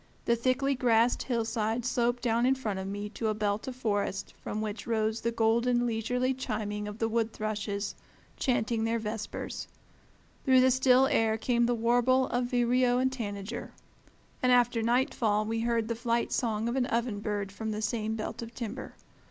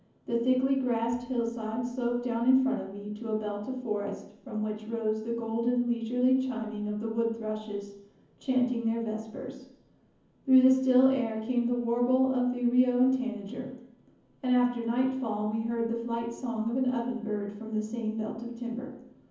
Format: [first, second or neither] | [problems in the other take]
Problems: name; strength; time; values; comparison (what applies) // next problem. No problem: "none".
first | room echo; dies away in 0.7 s